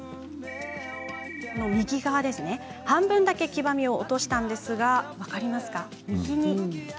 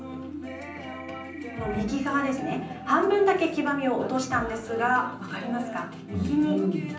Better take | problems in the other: first | room echo; dies away in 0.6 s

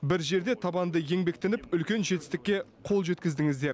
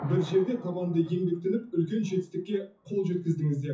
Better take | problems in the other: first | noise reduction (classical method WPE with log-MMSE)

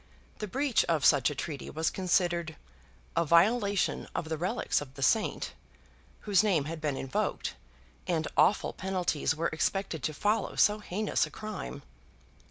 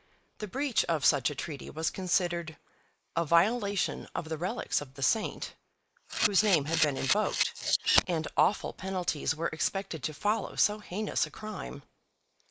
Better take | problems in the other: first | noise reduction (neural mask model Resemble Enhance denoiser)

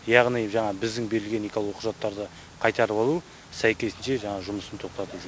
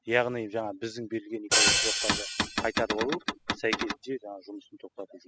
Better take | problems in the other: first | noise reduction (classical method spectral subtraction)

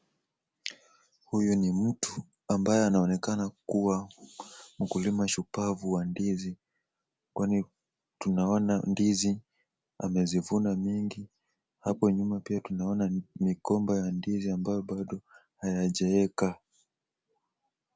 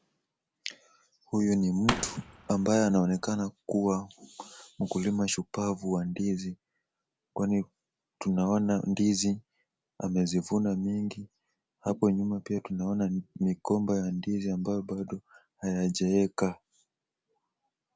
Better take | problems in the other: first | background sound (Fireworks); 7 dB below the speech

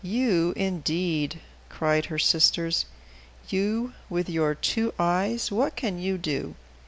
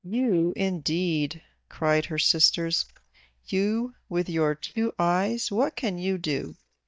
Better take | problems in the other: first | noise reduction (neural mask model DeepFilterNet 3)

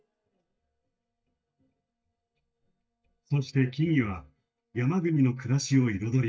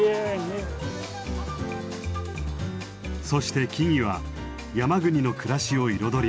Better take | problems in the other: second | noise reduction (neural mask model DeepFilterNet 3)

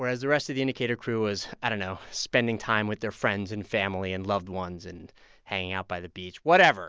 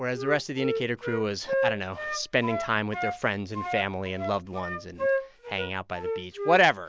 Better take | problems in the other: first | background sound (Wind instrument, woodwind instrument); 4 dB below the speech

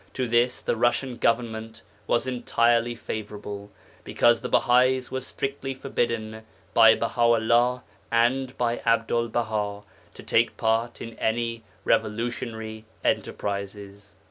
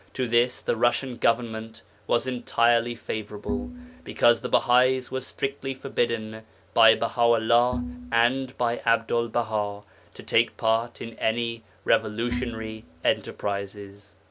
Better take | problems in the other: first | background sound (Bowed string instrument); 10 dB below the speech

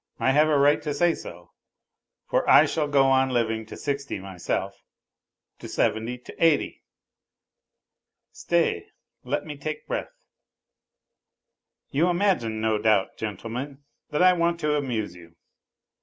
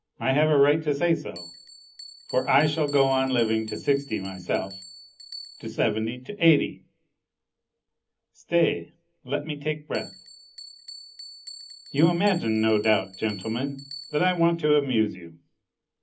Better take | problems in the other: first | background sound (Bell); 20 dB below the speech // room echo; dies away in 0.4 s

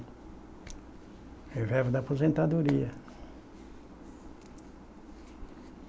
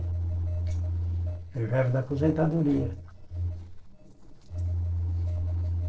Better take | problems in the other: first | noise reduction (neural separator model SepFormer DNS4)

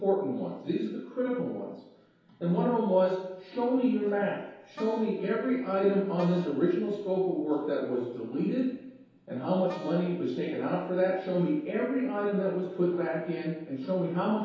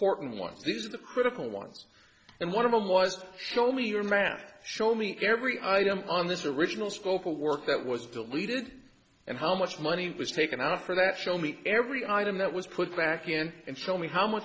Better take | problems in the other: second | background sound (Wind instrument, woodwind instrument); 18 dB below the speech // room echo; dies away in 0.8 s

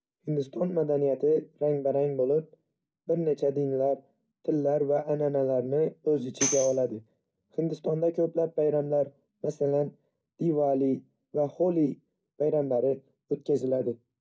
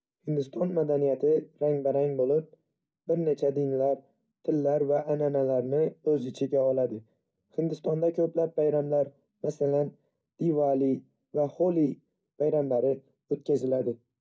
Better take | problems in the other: second | background sound (Tambourine); 7 dB below the speech

